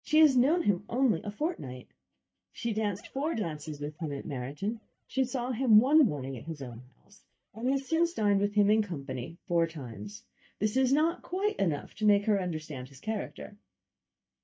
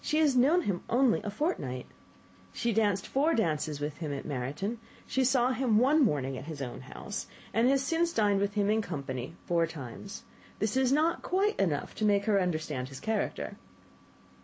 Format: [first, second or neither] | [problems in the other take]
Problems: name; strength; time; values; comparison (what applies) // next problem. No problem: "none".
second | noise reduction (neural mask model DeepFilterNet 3)